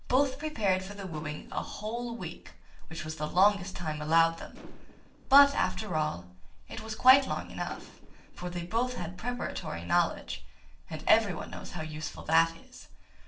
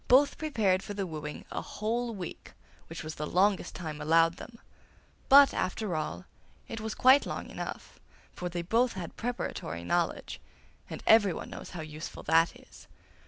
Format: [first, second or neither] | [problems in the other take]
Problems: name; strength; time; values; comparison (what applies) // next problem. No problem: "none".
second | noise reduction (neural separator model SepFormer DNS4)